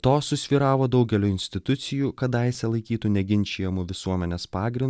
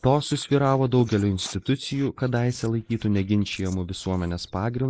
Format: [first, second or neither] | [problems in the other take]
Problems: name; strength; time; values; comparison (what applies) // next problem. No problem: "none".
first | noise reduction (neural mask model Resemble Enhance denoiser)